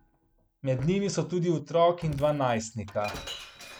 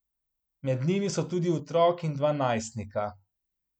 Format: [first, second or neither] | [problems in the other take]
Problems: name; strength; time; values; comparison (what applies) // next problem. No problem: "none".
second | background sound (Shatter); 16 dB below the speech